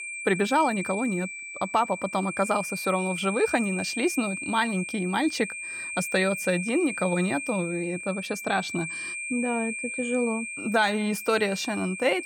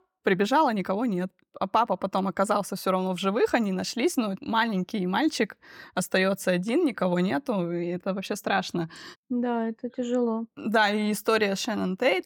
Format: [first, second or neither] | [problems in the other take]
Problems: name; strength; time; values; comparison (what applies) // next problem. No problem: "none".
second | high-pitched whine; loud; throughout; 2.5 kHz, 6 dB below the speech